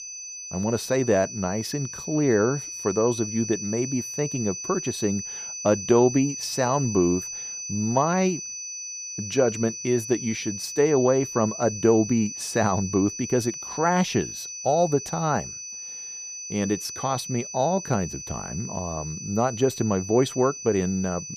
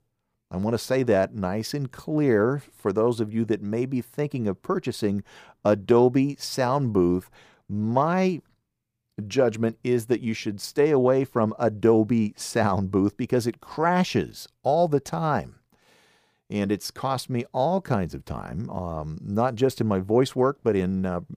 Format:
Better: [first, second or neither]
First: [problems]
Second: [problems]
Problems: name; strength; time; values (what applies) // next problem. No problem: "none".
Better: second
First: high-pitched whine; loud; throughout; 6 kHz, 8 dB below the speech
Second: none